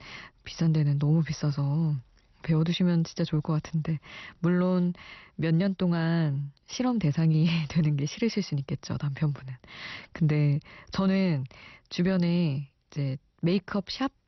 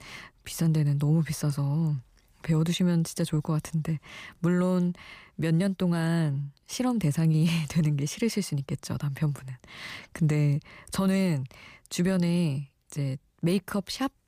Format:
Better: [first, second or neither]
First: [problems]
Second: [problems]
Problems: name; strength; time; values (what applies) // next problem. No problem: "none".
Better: second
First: garbled, watery; slightly; nothing above 6 kHz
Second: none